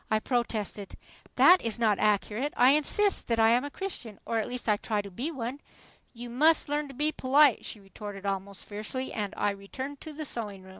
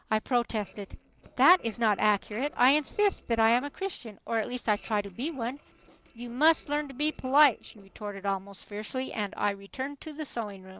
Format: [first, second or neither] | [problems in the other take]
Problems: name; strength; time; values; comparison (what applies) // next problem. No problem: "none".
first | noise reduction (neural separator model SepFormer DNS4)